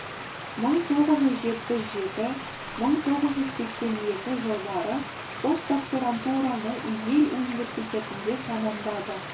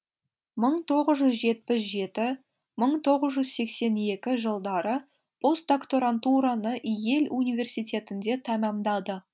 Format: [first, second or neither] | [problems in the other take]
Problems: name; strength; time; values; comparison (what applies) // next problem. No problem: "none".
second | background sound (Stream); 10 dB below the speech // room echo; dies away in 0.3 s